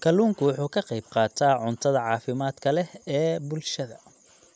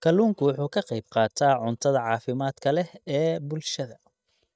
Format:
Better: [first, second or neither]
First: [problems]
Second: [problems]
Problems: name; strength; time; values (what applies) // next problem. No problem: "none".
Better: first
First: none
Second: noise reduction (neural mask model DeepFilterNet 3)